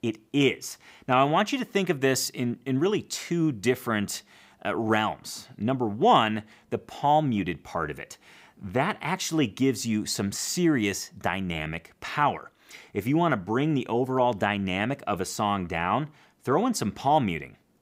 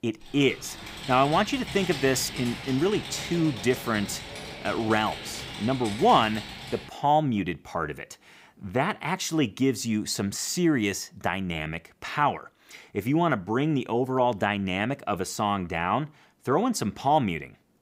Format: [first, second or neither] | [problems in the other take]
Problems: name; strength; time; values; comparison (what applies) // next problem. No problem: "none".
first | keyboard typing; noticeable; until 7 s; peak 7 dB below the speech